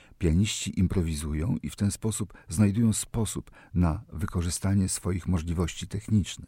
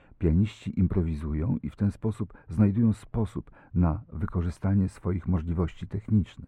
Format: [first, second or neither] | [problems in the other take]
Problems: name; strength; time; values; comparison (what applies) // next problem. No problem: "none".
first | muffled; very; fading above 3 kHz